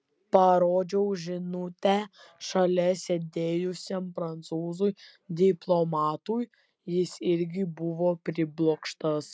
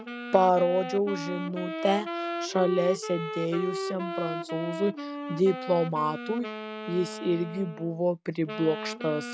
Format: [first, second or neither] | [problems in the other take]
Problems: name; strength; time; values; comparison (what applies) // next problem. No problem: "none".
first | background sound (Wind instrument, woodwind instrument); 7 dB below the speech